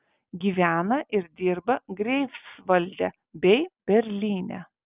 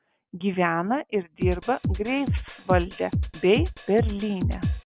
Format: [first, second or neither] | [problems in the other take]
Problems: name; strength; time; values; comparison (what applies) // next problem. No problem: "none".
first | background sound (Drum kit); 2 dB below the speech